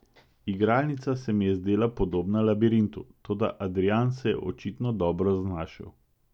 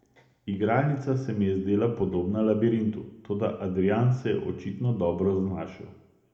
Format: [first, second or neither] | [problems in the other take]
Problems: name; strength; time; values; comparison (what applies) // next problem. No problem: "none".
first | room echo; dies away in 0.7 s